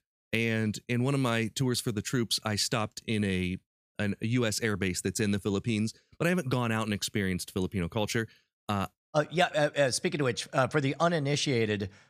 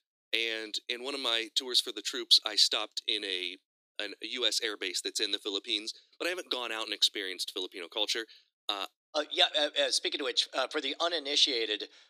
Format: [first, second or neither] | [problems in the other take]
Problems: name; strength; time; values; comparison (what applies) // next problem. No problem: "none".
first | thin; very; fading below 300 Hz